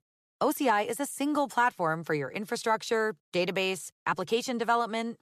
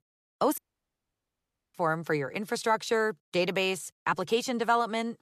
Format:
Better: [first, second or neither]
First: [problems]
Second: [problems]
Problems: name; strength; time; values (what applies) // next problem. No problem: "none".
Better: first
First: none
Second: audio cutting out; at 0.5 s for 1 s